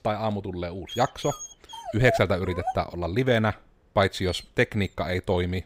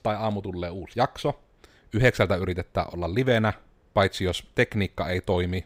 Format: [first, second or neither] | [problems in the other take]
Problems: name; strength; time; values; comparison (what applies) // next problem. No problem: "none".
second | dog barking; noticeable; from 1 to 4.5 s; peak 4 dB below the speech